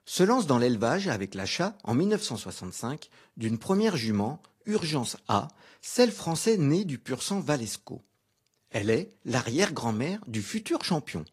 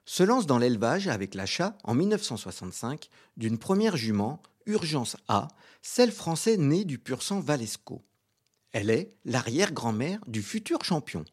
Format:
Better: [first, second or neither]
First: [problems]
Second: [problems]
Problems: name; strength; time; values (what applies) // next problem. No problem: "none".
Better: second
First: garbled, watery; slightly; nothing above 12.5 kHz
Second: none